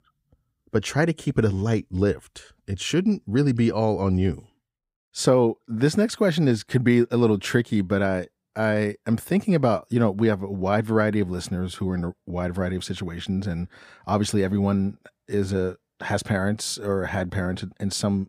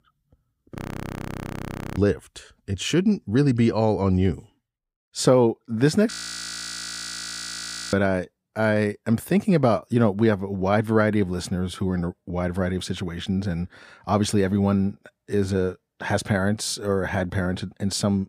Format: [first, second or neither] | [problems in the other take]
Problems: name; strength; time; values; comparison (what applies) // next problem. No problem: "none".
first | audio freezing; at 1 s for 1 s and at 6 s for 2 s